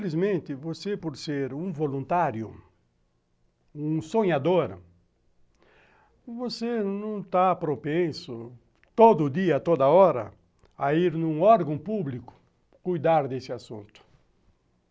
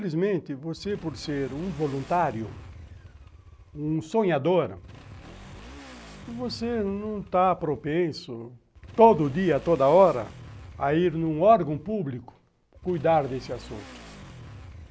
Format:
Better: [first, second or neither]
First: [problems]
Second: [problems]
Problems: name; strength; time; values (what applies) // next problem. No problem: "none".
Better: first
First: none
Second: background sound (Motorcycle / Accelerating, revving, vroom); 19 dB below the speech